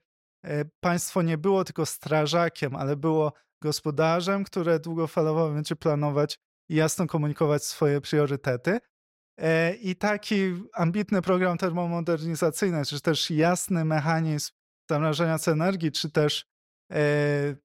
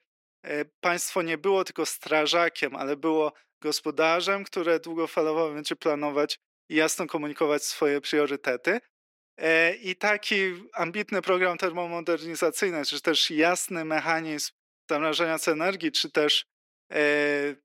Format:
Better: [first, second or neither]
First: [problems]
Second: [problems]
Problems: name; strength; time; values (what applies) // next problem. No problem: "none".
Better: first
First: none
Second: thin; somewhat; fading below 300 Hz